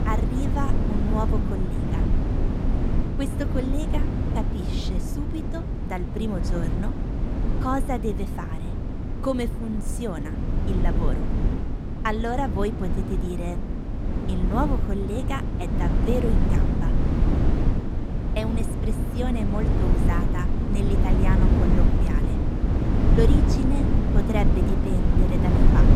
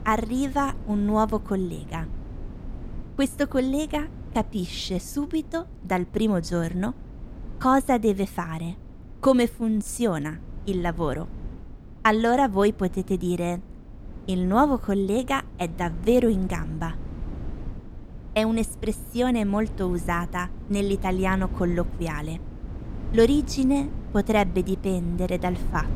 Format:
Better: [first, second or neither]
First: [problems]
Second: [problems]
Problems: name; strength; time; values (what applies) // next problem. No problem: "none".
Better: second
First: low rumble; loud; throughout; 1 dB below the speech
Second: low rumble; faint; throughout; 20 dB below the speech